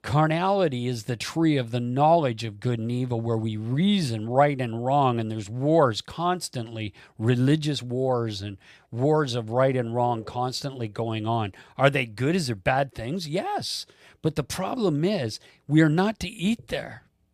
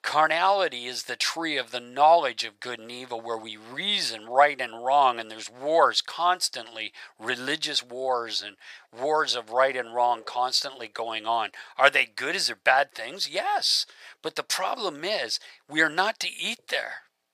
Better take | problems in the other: first | thin; very; fading below 800 Hz

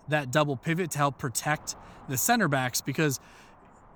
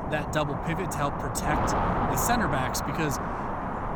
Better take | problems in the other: first | wind noise on the microphone; heavy; 2 dB above the speech; occasional gusts in the first

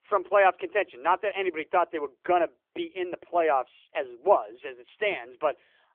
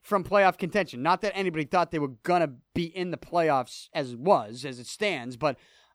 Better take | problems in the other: second | phone-call audio

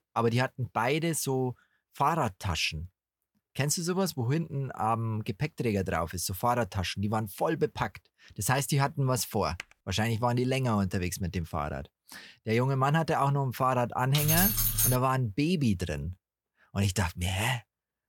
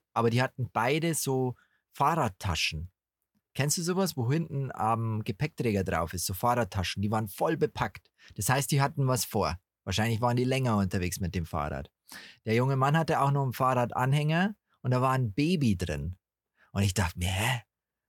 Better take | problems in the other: second | keyboard typing; very faint; at 9.5 s; peak 15 dB below the speech // jangling keys; loud; at 14 s; peak 5 dB above the speech

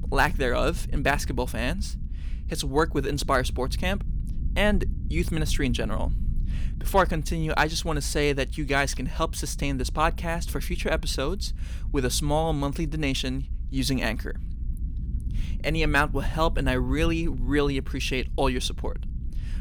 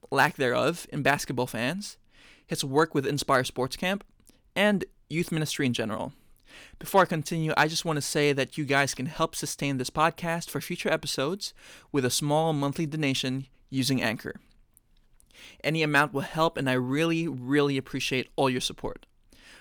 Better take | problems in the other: second | low rumble; faint; throughout; 25 dB below the speech

